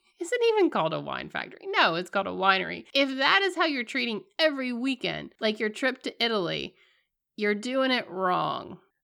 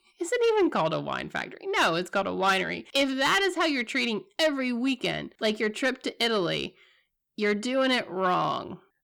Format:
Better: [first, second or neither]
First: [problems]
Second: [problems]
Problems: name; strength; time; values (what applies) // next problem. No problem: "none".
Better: first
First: none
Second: distortion; slight; 10 dB below the speech